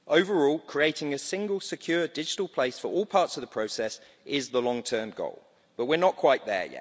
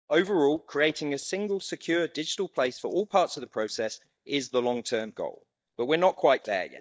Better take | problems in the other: first | noise reduction (neural mask model DeepFilterNet 3)

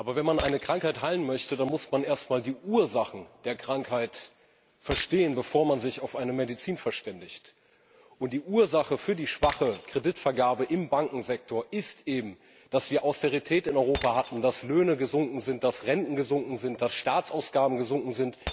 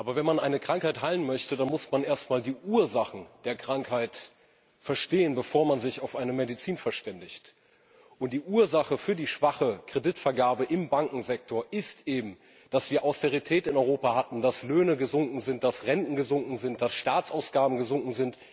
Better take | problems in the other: second | background sound (Shatter); 18 dB below the speech

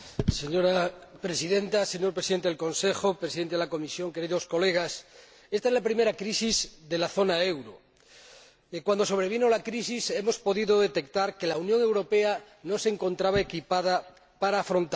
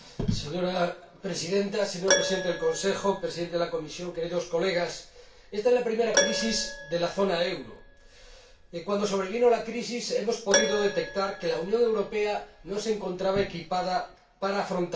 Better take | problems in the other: first | background sound (Keyboard (musical)); 6 dB below the speech // room echo; dies away in 0.3 s

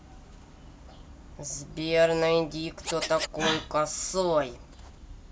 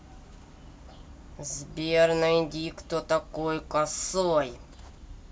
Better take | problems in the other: second | background sound (Scratching (performance technique)); 8 dB below the speech

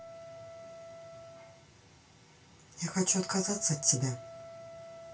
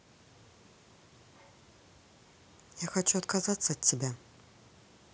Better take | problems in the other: second | background sound (Wind instrument, woodwind instrument); 14 dB below the speech // room echo; dies away in 0.2 s

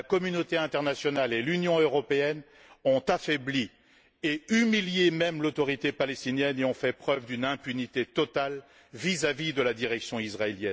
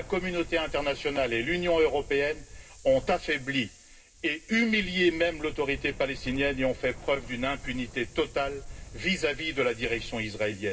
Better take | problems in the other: first | background sound (Wind); 14 dB below the speech // room echo; dies away in 0.2 s

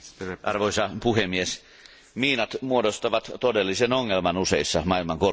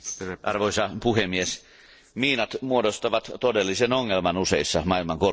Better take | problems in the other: first | noise reduction (neural separator model SepFormer DNS4)

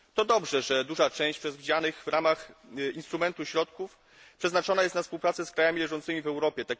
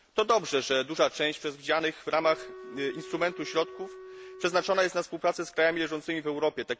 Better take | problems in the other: first | background sound (Wind instrument, woodwind instrument); 17 dB below the speech

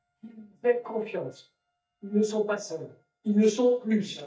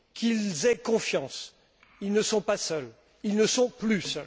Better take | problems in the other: second | noise reduction (neural mask model DeepFilterNet 3)

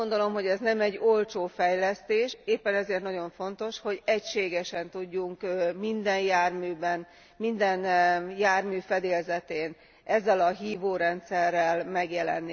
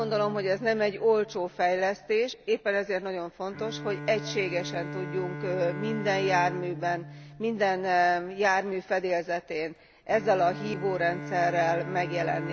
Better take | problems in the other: first | background sound (Bowed string instrument); 11 dB below the speech

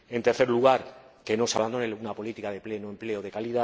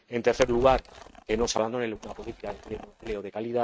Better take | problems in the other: first | noise reduction (neural mask model RNNoise)

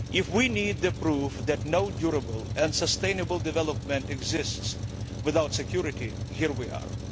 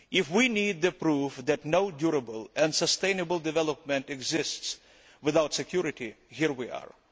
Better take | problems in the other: second | background sound (Truck); 5 dB below the speech

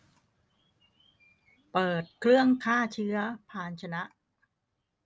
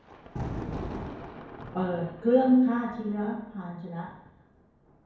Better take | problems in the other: first | background sound (Thunder); 11 dB below the speech // room echo; dies away in 0.9 s

